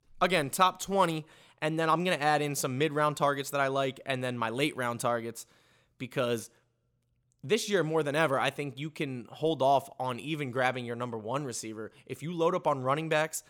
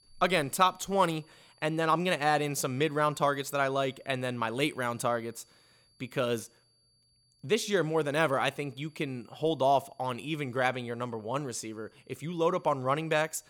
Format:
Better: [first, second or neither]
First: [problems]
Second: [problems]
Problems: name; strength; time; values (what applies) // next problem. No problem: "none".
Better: first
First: none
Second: high-pitched whine; faint; throughout; 4.5 kHz, 35 dB below the speech